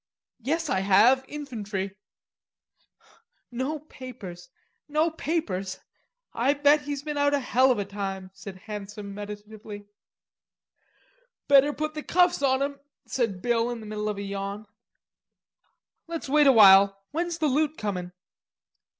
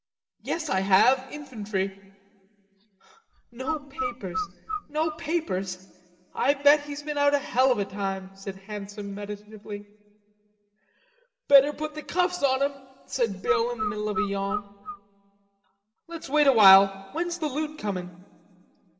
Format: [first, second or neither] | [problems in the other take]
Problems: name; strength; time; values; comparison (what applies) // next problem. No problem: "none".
first | background sound (Bird); 7 dB below the speech // room echo; dies away in 1.6 s